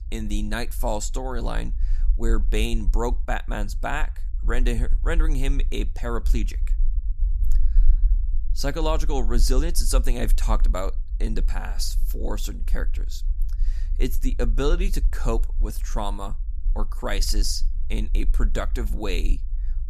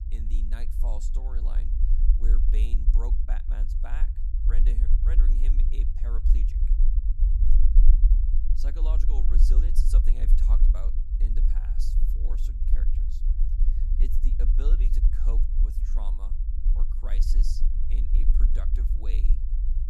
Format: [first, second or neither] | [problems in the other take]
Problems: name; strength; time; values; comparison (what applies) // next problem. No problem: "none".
first | low rumble; loud; throughout; 2 dB below the speech; faint in the first